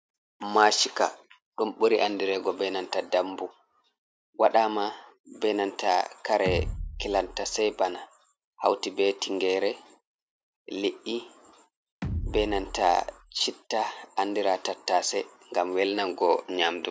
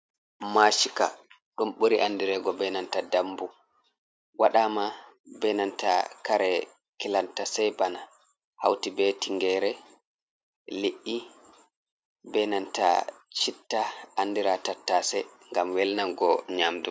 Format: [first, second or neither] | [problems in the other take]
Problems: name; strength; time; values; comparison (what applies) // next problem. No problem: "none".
second | background sound (Bass drum); 7 dB below the speech